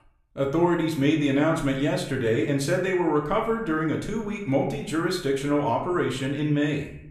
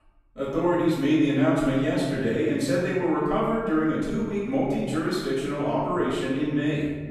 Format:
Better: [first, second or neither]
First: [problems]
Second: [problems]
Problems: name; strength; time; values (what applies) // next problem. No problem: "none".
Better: first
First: room echo; slight; dies away in 0.6 s // off-mic speech; somewhat distant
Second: room echo; strong; dies away in 1.4 s // off-mic speech; far